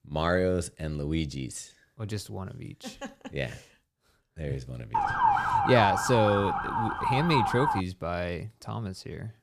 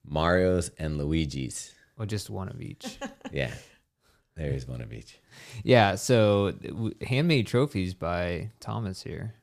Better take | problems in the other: second | siren; loud; from 5 to 8 s; peak 6 dB above the speech

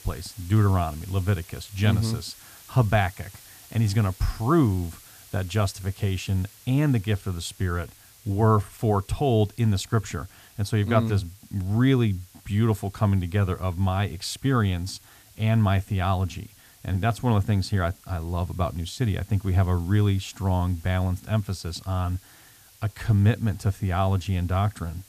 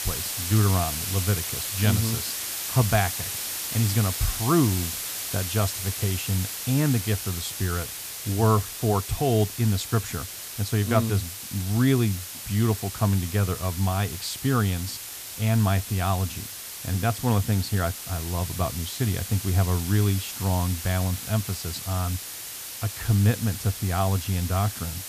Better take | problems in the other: first | hiss; loud; throughout; 6 dB below the speech; faint in the first

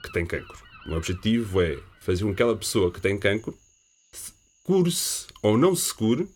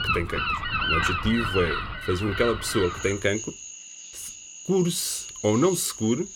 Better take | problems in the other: first | animal sounds; loud; throughout; 4 dB below the speech; faint in the first

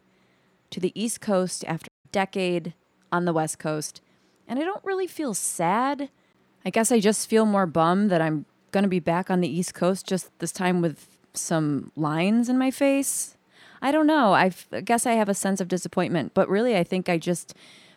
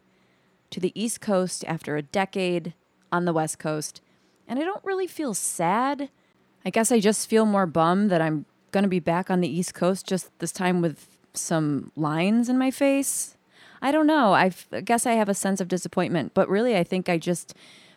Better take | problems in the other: second | audio cutting out; at 2 s

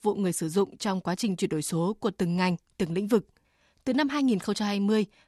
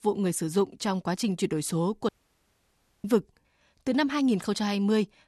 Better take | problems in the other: first | audio cutting out; at 2 s for 1 s

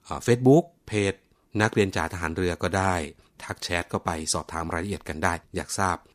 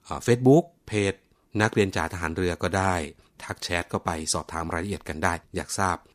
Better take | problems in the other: neither | none

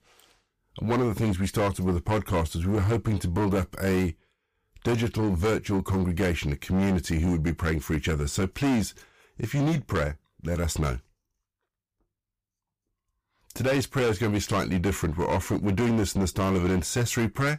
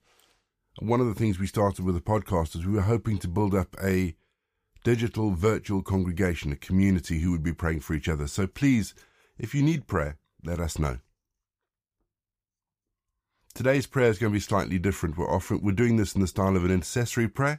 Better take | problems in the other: second | distortion; heavy; 15% of the sound clipped

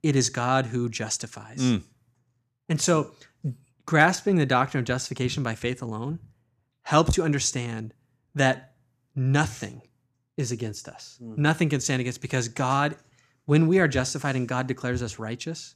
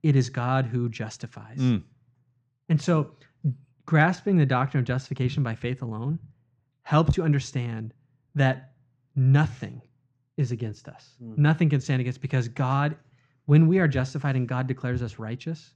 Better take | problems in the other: first | muffled; slightly; fading above 3.5 kHz

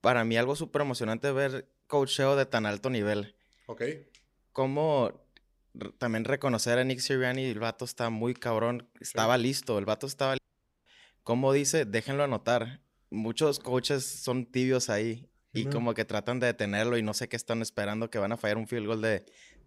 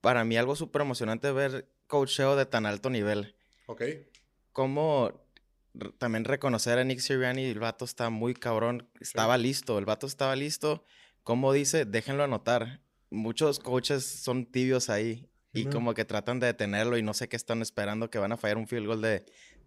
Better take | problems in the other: second | audio cutting out; at 10 s

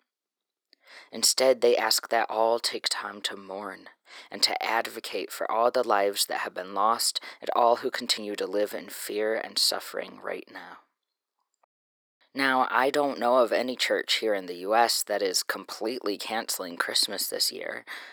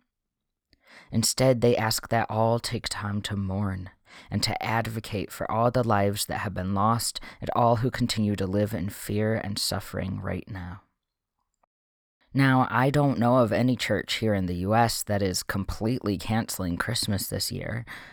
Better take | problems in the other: second | thin; very; fading below 350 Hz

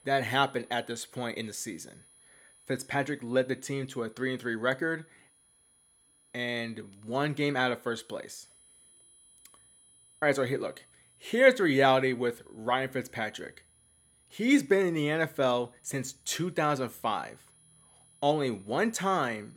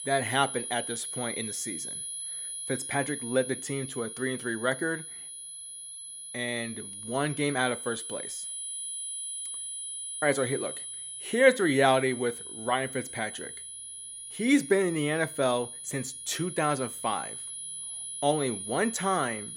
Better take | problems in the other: first | high-pitched whine; loud; throughout; 10.5 kHz, 7 dB below the speech; faint in the first

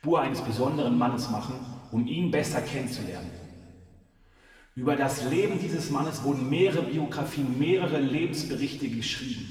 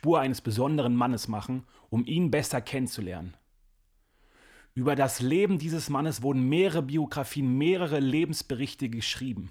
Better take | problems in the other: second | room echo; noticeable; dies away in 1.9 s // off-mic speech; far

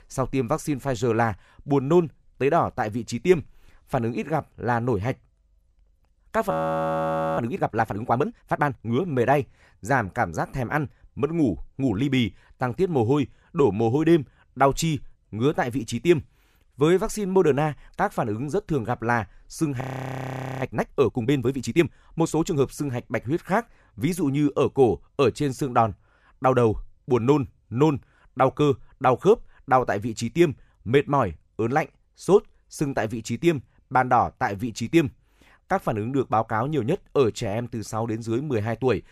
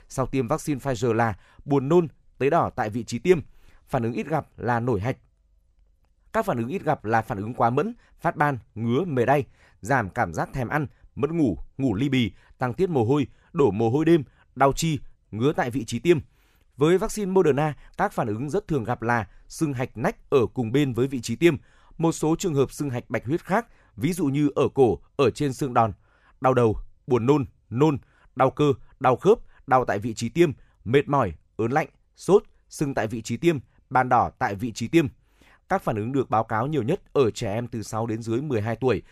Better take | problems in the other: second | audio freezing; at 6.5 s for 1 s and at 20 s for 1 s

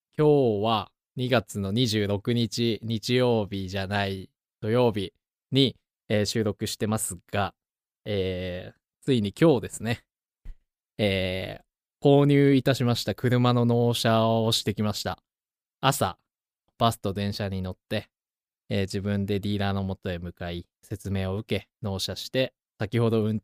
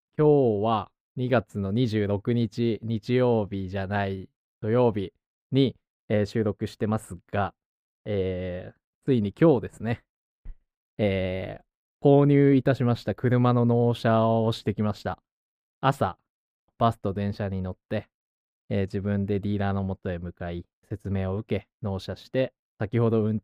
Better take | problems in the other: first | muffled; slightly; fading above 3 kHz

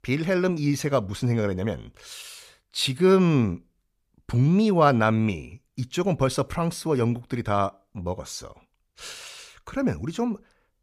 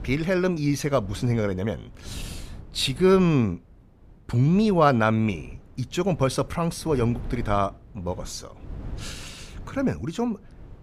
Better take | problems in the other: first | wind noise on the microphone; occasional gusts; 25 dB below the speech

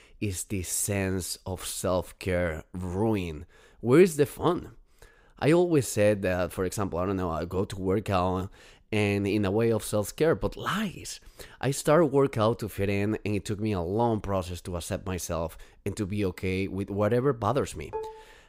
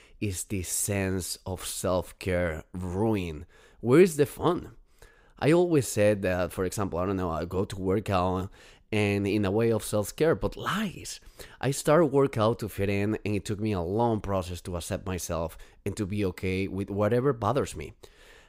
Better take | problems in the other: second | clattering dishes; faint; at 18 s; peak 10 dB below the speech

